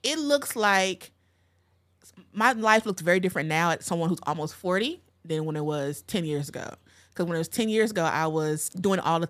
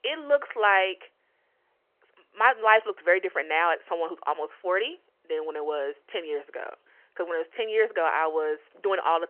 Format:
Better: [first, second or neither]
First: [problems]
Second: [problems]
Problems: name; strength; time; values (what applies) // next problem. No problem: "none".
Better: first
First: none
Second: phone-call audio; nothing above 3 kHz